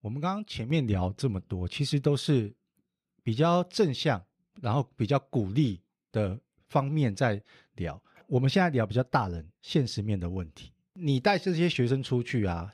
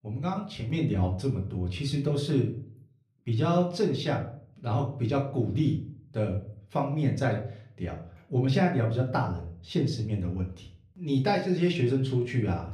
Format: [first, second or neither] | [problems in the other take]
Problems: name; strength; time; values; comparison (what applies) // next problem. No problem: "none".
first | room echo; slight; dies away in 0.4 s // off-mic speech; somewhat distant